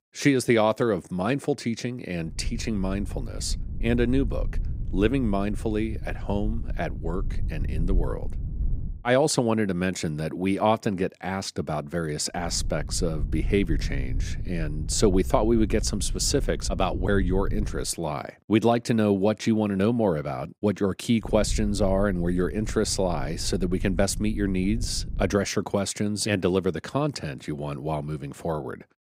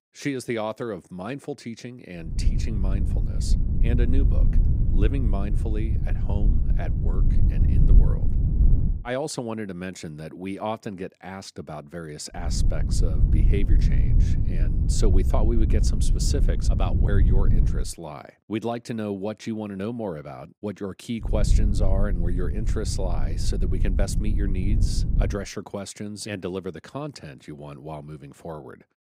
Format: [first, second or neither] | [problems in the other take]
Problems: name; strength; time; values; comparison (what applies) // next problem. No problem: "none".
first | low rumble; loud; from 2.5 to 9 s, from 12 to 18 s and from 21 to 25 s; 6 dB below the speech; faint in the first